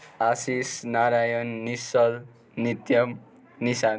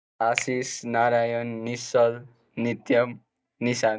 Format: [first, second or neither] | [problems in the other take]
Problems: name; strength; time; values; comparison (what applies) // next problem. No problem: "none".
first | noise reduction (neural mask model DeepFilterNet 3)